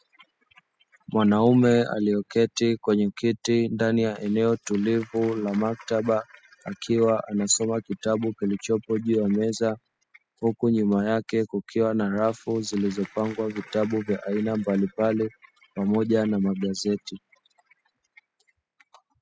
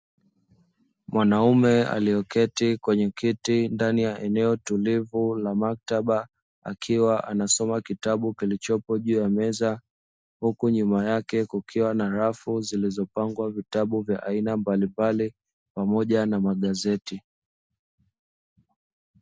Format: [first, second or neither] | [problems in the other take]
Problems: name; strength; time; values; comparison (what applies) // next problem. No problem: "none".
second | noise reduction (classical method spectral subtraction)